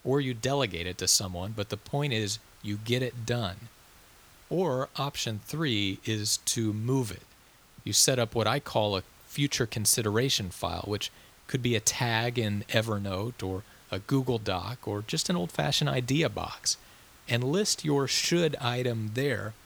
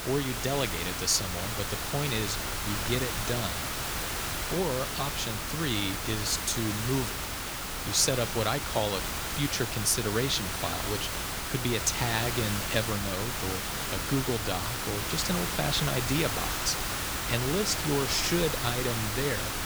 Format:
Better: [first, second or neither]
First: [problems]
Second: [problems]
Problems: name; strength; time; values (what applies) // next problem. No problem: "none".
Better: first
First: hiss; faint; throughout; 25 dB below the speech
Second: hiss; loud; throughout; 1 dB below the speech